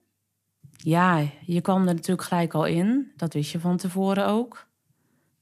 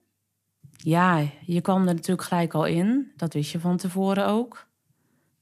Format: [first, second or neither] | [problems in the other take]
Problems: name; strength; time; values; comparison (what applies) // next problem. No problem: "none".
neither | none